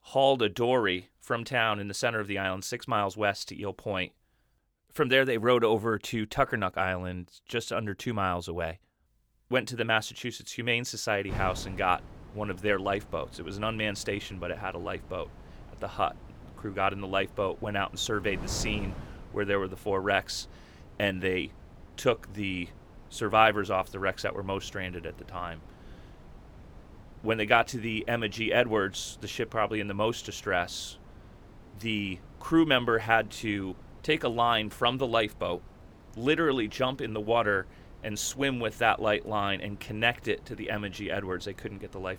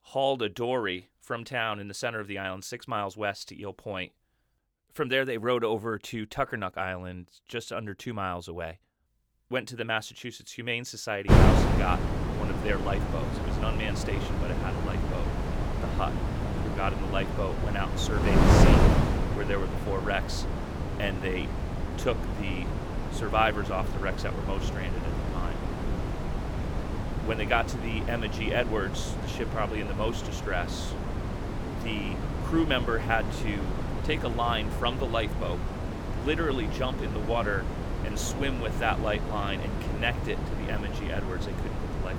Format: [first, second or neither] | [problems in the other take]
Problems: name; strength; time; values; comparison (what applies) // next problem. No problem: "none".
first | wind noise on the microphone; heavy; from 11 s on; 3 dB below the speech; occasional gusts in the first